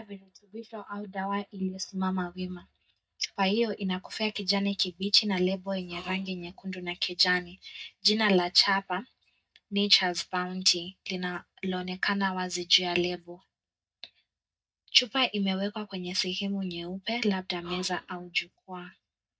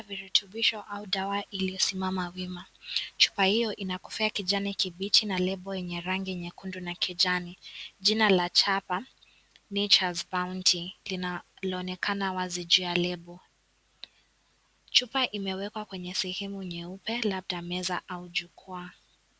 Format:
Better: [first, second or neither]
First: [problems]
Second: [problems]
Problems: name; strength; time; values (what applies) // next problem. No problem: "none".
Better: second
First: noise reduction (neural mask model DeepFilterNet 3)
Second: none